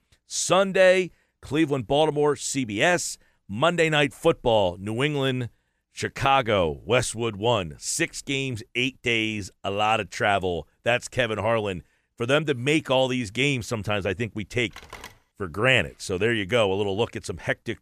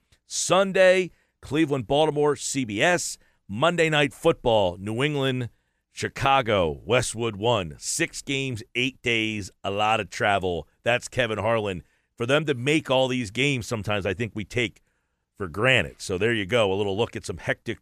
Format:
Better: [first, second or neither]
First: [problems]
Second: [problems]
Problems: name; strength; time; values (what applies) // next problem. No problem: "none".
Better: second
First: phone ringing; faint; at 15 s; peak 15 dB below the speech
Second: none